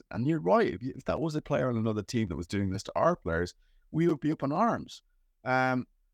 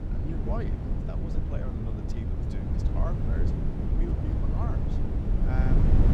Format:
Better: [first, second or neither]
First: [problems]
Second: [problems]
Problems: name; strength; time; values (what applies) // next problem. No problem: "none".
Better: first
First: none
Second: wind noise on the microphone; heavy; 3 dB above the speech